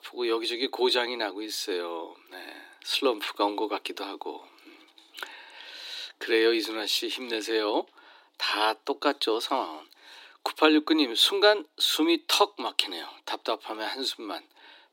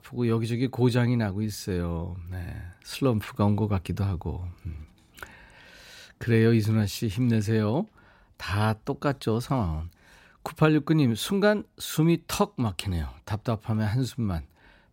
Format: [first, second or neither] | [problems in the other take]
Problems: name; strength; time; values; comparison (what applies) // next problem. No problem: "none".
second | thin; very; fading below 300 Hz